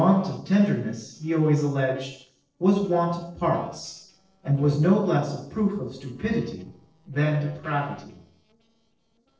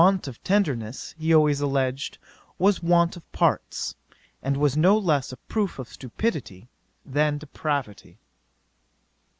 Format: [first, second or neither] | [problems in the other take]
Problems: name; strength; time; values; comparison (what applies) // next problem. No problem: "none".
second | noise reduction (neural separator model SepFormer DNS4)